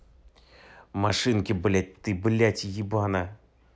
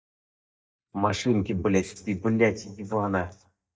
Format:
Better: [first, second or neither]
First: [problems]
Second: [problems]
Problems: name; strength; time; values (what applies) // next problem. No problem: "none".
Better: first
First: none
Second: noise reduction (neural mask model DeepFilterNet 3)